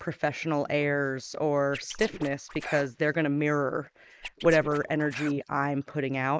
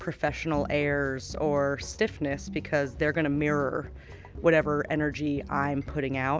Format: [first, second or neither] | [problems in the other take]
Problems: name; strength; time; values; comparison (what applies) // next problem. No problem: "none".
second | noise reduction (neural mask model Resemble Enhance denoiser)